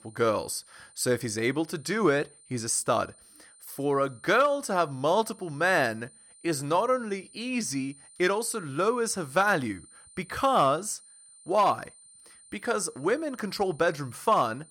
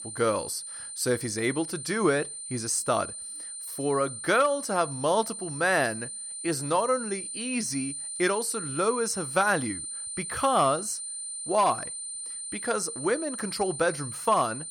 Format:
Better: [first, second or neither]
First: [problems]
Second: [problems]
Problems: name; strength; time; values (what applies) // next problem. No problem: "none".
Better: first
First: high-pitched whine; faint; throughout; 9 kHz, 25 dB below the speech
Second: high-pitched whine; loud; throughout; 9 kHz, 7 dB below the speech